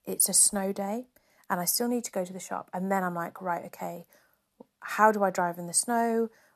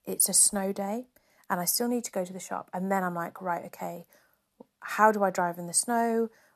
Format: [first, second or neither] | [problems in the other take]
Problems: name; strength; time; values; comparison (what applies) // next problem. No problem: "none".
neither | none